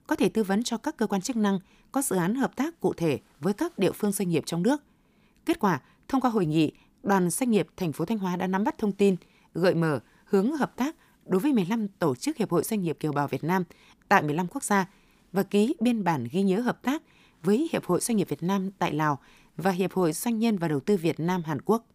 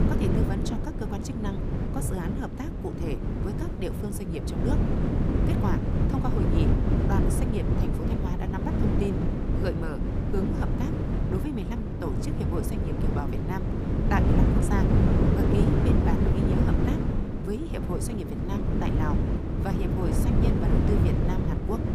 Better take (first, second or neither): first